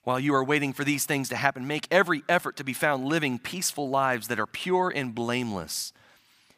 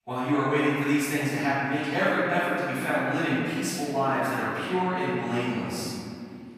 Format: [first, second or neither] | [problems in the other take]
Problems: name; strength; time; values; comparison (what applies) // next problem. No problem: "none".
first | off-mic speech; far // room echo; strong; dies away in 2.7 s